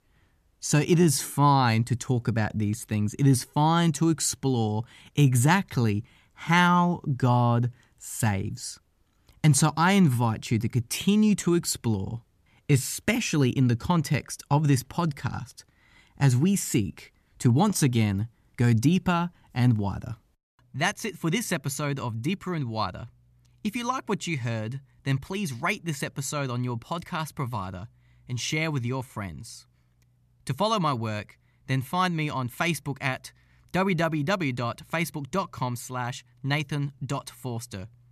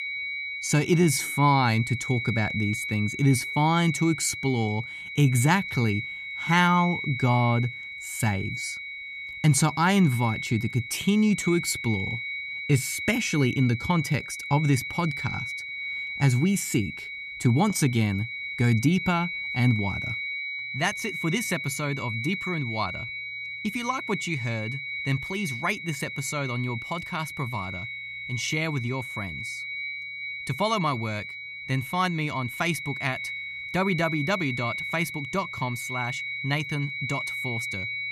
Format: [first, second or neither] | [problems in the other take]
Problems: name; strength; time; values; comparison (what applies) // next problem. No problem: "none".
first | high-pitched whine; loud; throughout; 2 kHz, 6 dB below the speech